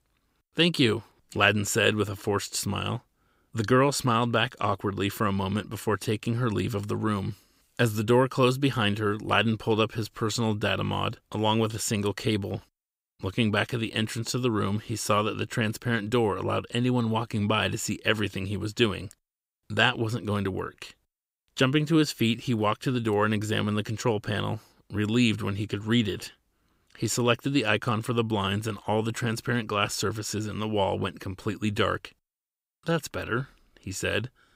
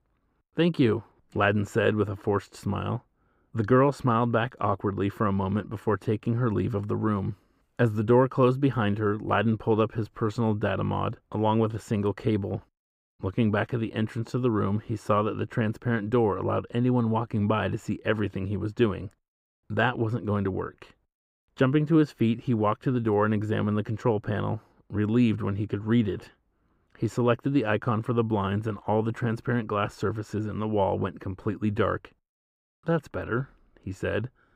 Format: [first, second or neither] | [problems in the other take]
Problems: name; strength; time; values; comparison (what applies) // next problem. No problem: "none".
first | muffled; very; fading above 2.5 kHz